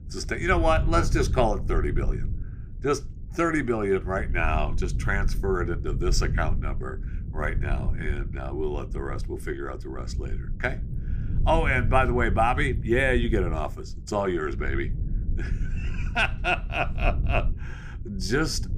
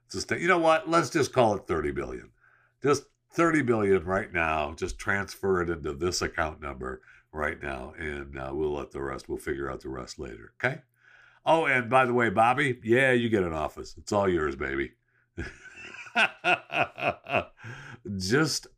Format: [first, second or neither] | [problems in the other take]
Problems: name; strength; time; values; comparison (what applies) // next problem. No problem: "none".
second | low rumble; noticeable; throughout; 20 dB below the speech